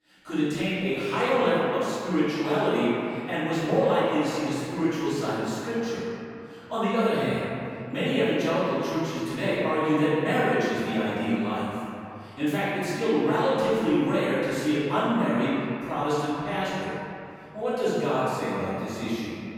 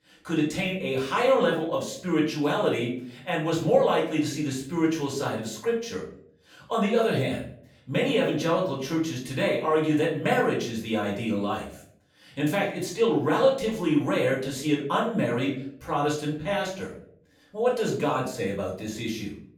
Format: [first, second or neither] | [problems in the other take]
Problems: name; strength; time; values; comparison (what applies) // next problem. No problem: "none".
second | room echo; strong; dies away in 2.7 s; slight in the second // off-mic speech; far; far in the second